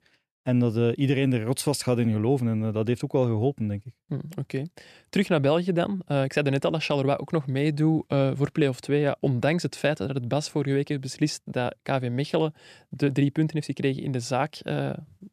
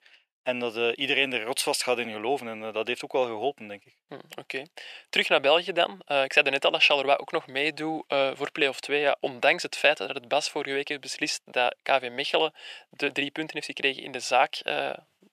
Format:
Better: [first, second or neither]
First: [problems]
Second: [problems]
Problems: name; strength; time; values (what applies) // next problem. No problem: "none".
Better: first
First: none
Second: thin; very; fading below 600 Hz